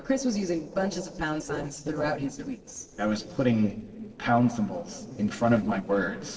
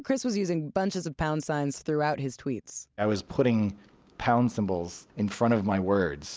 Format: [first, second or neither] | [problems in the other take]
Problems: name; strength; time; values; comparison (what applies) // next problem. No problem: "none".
second | noise reduction (neural separator model SepFormer DNS4)